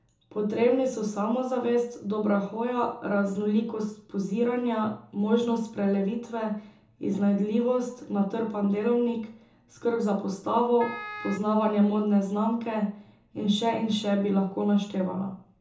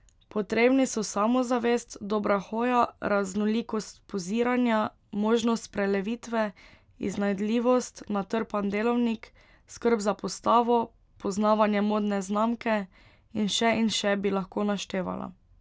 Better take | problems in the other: second | background sound (Wind instrument, woodwind instrument); 14 dB below the speech // room echo; dies away in 1 s

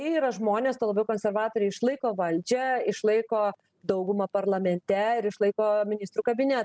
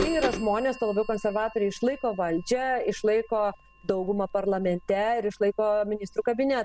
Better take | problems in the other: first | background sound (Bird vocalization, bird call, bird song / Telephone); 13 dB below the speech

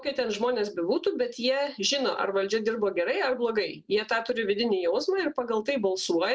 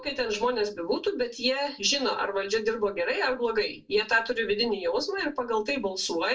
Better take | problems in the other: first | room echo; dies away in 0.2 s

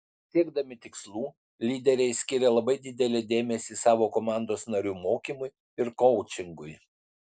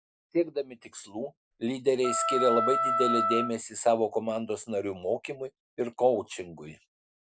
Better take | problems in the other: first | background sound (Wind instrument, woodwind instrument); 1 dB above the speech

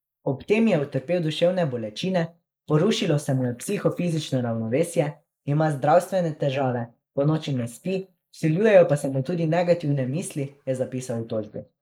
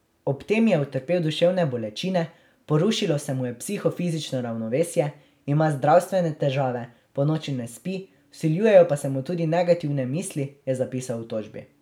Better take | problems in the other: second | noise reduction (neural mask model Resemble Enhance denoiser)

